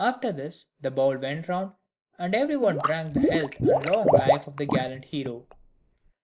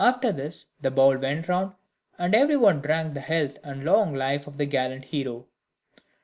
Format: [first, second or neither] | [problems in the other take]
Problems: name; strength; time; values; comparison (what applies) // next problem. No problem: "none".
second | noise reduction (neural mask model Resemble Enhance denoiser)